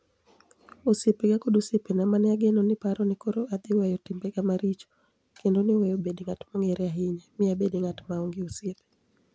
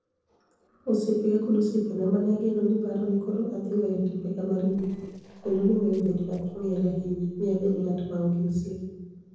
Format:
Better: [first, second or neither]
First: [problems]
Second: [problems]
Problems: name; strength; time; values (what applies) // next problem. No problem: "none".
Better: first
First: none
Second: noise reduction (neural separator model SepFormer DNS4)